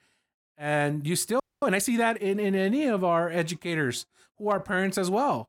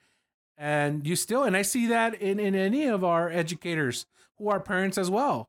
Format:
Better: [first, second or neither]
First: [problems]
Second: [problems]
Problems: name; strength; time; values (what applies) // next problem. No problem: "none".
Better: second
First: audio freezing; at 1.5 s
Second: none